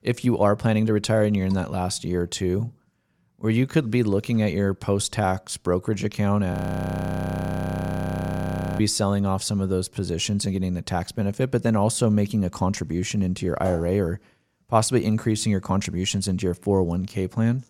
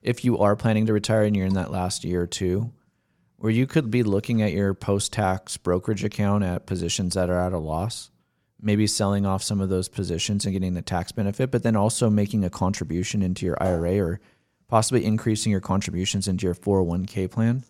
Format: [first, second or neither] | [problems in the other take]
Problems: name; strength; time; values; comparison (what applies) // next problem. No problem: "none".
second | audio freezing; at 6.5 s for 2.5 s